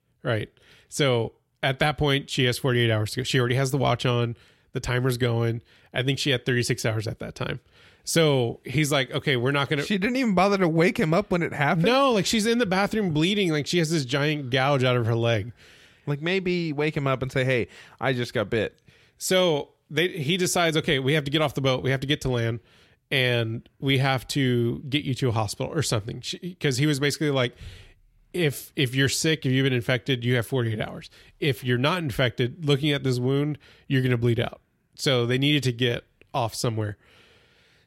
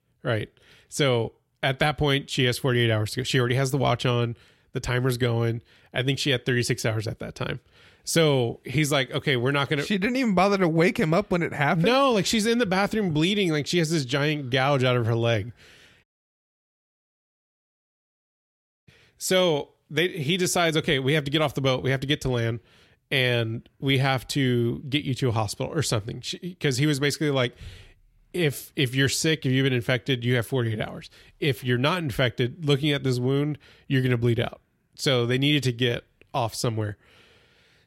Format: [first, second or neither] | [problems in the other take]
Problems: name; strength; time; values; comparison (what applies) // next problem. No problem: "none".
first | audio cutting out; at 16 s for 3 s